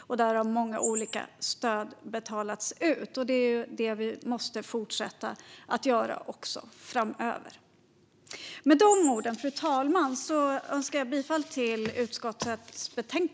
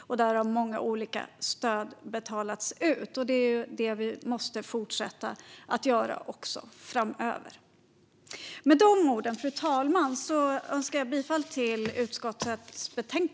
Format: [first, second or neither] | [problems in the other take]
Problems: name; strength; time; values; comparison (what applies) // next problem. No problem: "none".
second | background sound (Chirp, tweet); 10 dB below the speech